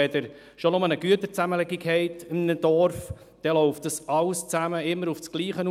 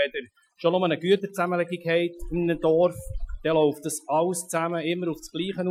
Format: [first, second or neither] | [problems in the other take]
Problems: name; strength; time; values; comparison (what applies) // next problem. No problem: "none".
first | noise reduction (classical method Wiener filter)